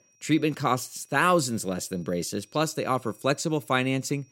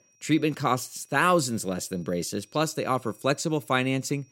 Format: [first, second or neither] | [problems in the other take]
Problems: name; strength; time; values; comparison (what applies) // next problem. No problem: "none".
neither | high-pitched whine; faint; throughout; 5.5 kHz, 35 dB below the speech; the same in both